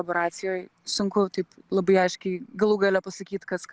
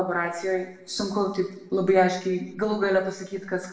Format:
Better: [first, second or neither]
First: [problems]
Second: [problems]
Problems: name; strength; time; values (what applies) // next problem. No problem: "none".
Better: first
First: none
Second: room echo; dies away in 0.8 s